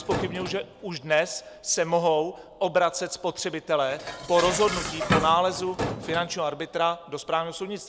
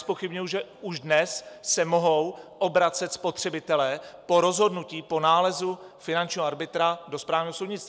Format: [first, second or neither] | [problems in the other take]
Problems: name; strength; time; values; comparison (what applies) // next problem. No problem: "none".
second | background sound (Dishes, pots, and pans); 8 dB below the speech